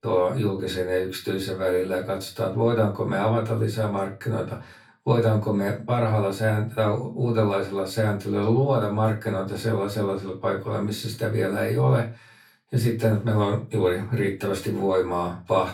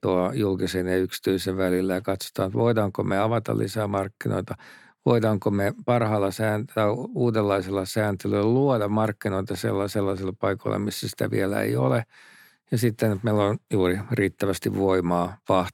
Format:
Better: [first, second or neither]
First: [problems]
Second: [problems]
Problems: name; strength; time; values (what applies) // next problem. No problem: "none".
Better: second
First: off-mic speech; far // room echo; very slight; dies away in 0.3 s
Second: none